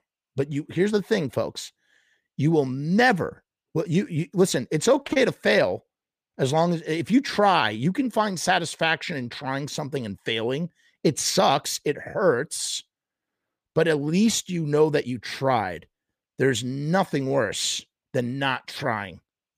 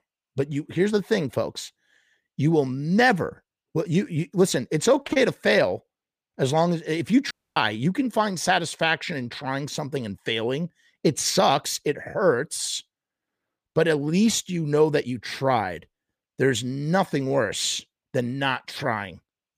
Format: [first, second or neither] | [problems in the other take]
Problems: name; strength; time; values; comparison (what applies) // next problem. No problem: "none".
first | audio cutting out; at 7.5 s